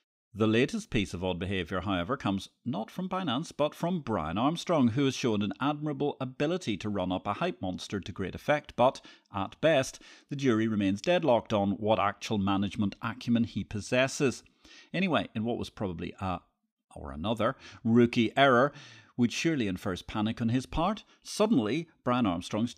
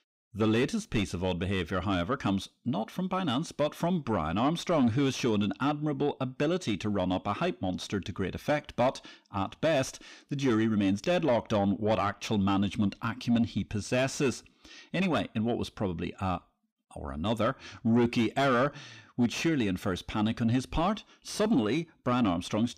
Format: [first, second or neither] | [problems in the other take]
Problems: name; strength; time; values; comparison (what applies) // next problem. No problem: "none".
first | distortion; slight; 10 dB below the speech